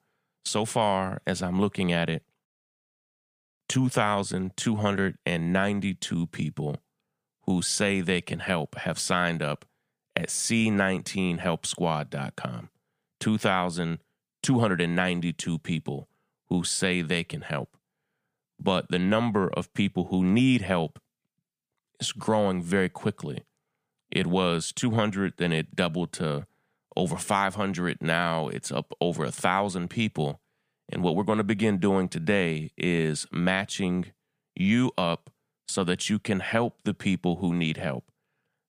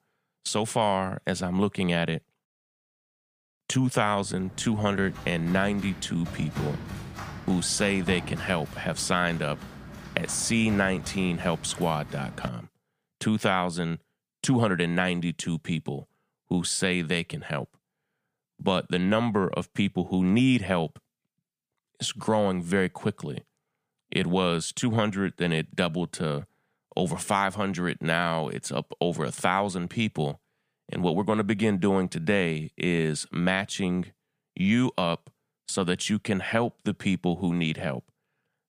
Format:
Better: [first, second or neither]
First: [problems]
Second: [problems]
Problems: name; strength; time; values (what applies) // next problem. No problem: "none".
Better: first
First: none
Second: footsteps; noticeable; from 4 to 12 s; peak 8 dB below the speech